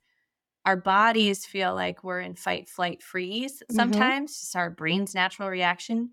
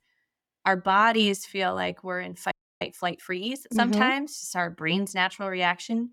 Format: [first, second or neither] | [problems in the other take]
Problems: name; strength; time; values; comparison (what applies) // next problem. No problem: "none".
first | audio freezing; at 2.5 s